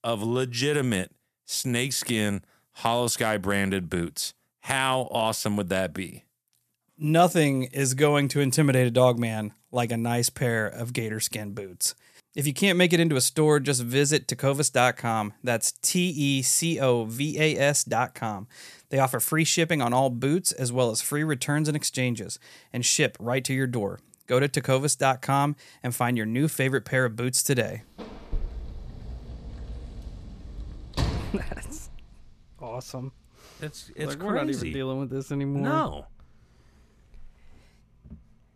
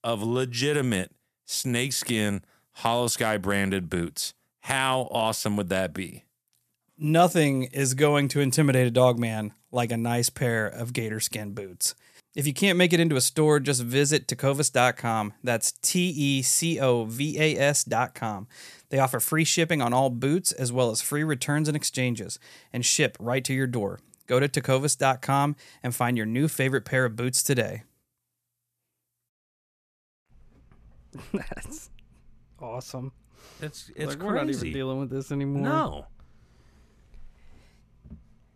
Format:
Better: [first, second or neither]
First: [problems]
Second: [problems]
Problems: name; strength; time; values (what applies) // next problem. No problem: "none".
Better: second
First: door banging; noticeable; from 28 to 32 s; peak 4 dB below the speech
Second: none